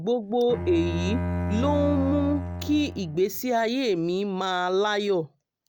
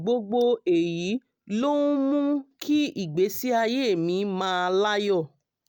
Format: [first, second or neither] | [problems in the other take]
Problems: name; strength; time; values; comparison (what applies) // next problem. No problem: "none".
second | background sound (Bowed string instrument); 5 dB below the speech